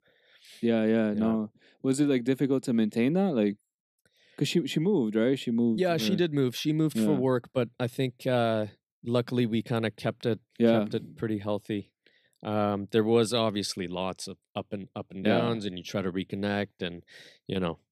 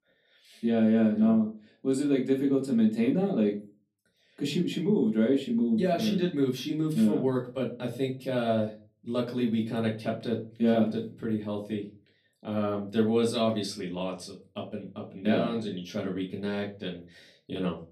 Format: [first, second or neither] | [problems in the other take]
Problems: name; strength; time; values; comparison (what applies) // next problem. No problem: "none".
first | off-mic speech; far // room echo; very slight; dies away in 0.3 s